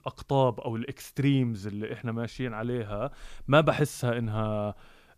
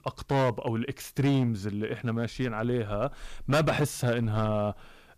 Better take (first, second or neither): first